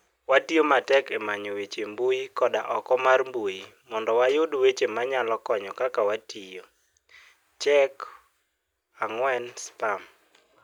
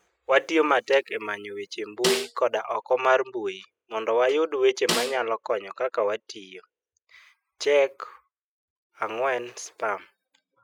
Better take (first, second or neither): first